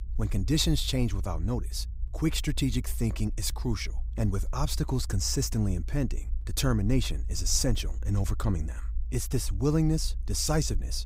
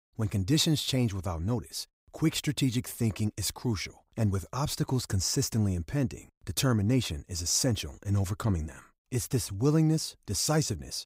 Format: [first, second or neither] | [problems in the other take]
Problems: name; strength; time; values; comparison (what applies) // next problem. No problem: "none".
second | low rumble; faint; throughout; 25 dB below the speech